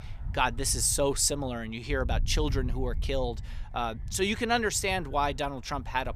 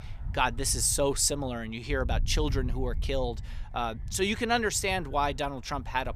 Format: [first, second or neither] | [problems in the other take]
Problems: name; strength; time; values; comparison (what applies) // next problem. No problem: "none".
neither | wind noise on the microphone; occasional gusts; 25 dB below the speech; the same in both